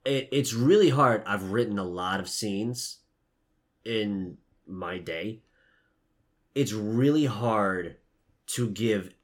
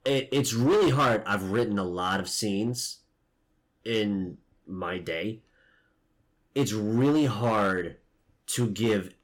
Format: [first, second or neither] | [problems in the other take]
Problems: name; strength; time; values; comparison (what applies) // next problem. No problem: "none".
first | distortion; slight; 6% of the sound clipped